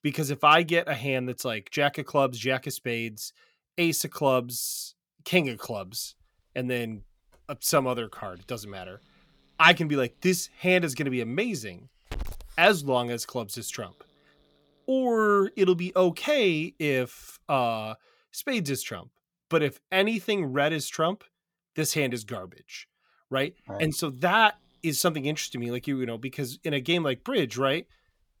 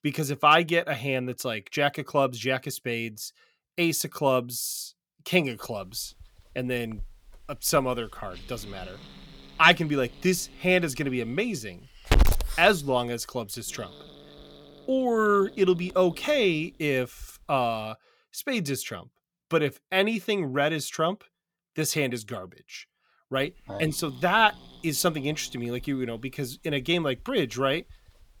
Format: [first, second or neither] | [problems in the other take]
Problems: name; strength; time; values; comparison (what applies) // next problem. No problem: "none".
first | hiss; loud; from 5.5 to 18 s and from 23 s on; 9 dB below the speech; faint in the first